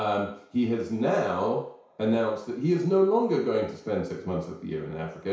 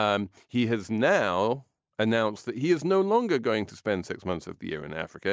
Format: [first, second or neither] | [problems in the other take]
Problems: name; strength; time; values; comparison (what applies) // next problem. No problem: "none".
second | room echo; dies away in 0.6 s